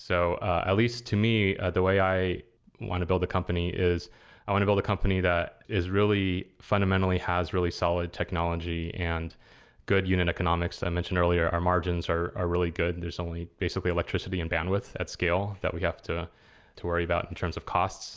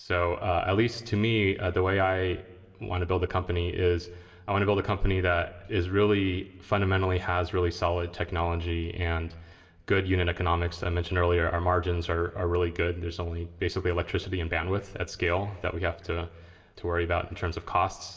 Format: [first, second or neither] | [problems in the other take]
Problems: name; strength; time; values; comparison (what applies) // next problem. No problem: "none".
first | room echo; dies away in 1.4 s